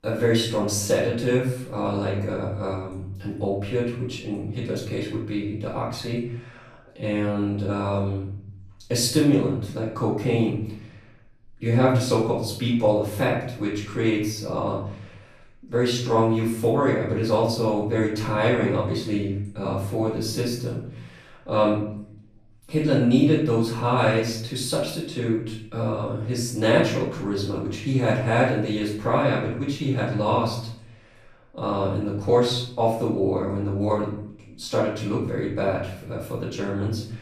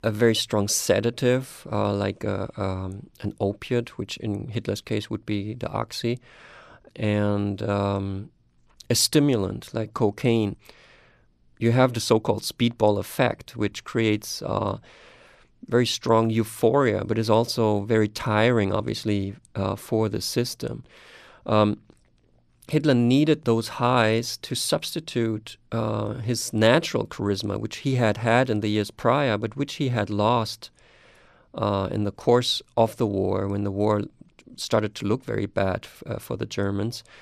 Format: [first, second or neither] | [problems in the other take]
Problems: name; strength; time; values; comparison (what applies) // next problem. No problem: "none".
second | off-mic speech; far // room echo; noticeable; dies away in 0.7 s